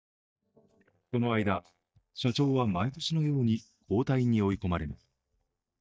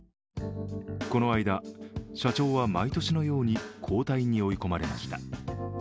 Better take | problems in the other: second | noise reduction (neural mask model DeepFilterNet 3)

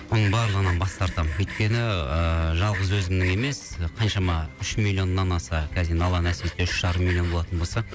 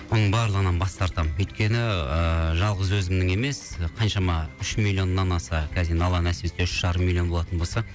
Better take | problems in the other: second | background sound (Sawing); 16 dB below the speech

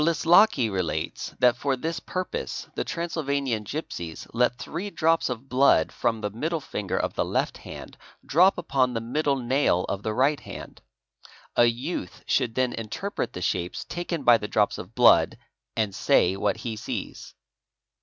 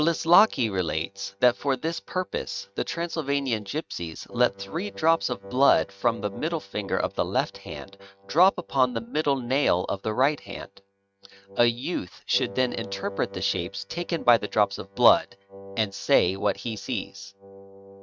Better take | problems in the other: first | noise reduction (neural mask model RNNoise)

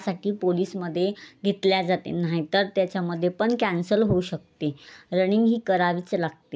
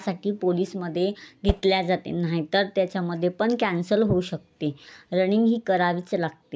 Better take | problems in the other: first | background sound (Whoosh, swoosh, swish); 3 dB below the speech

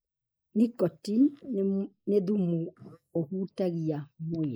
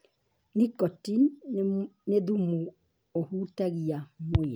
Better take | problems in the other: second | noise reduction (neural mask model Resemble Enhance denoiser)

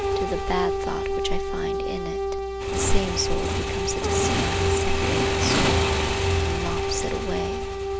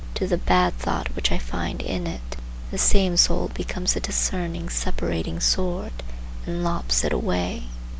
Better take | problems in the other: second | background sound (Motorcycle / Engine + Brass instrument); 4 dB above the speech

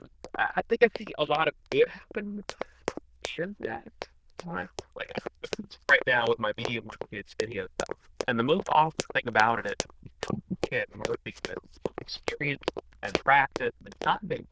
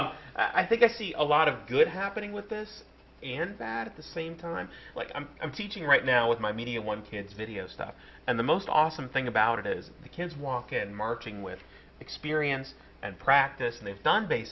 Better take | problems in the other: second | noise reduction (neural diffusion model UNIVERSE++)

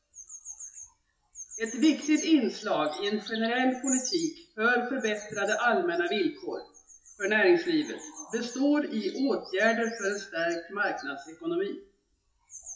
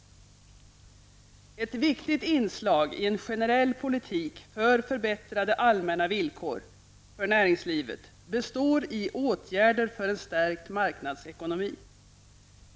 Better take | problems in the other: second | noise reduction (classical method WPE with log-MMSE)

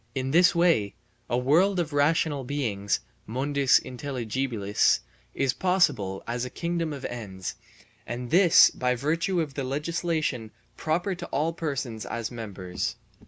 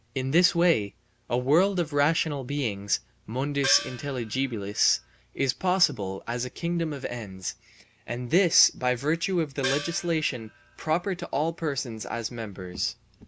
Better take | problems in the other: first | background sound (Gong); 10 dB below the speech

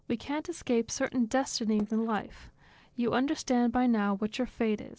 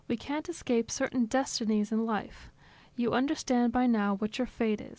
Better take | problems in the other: second | noise reduction (neural separator model SepFormer DNS4)

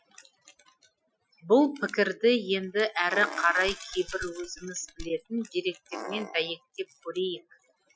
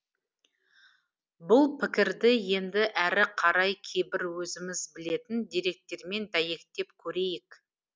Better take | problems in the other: second | noise reduction (classical method Wiener filter)

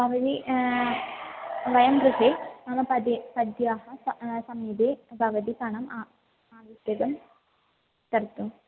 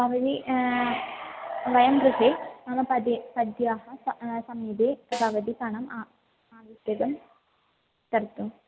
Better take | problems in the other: first | background sound (Snare drum); 13 dB below the speech

